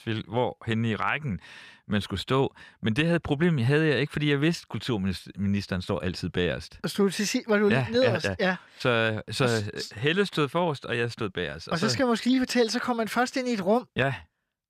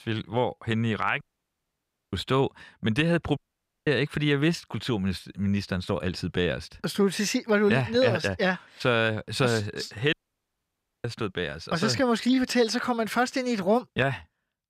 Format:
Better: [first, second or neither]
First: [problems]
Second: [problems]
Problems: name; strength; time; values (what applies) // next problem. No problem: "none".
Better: first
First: none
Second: audio cutting out; at 1 s for 1 s, at 3.5 s for 0.5 s and at 10 s for 1 s